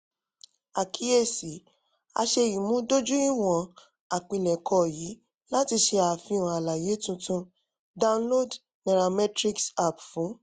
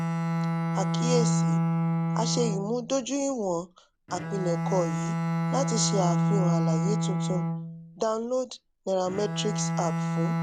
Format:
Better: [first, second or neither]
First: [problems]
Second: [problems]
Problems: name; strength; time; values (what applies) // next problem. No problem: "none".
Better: first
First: none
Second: background sound (Bowed string instrument); 3 dB above the speech